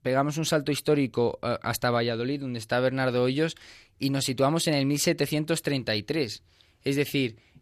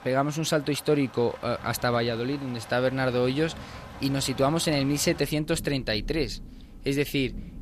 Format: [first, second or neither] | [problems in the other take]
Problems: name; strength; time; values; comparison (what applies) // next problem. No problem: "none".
first | rain or running water; noticeable; throughout; 15 dB below the speech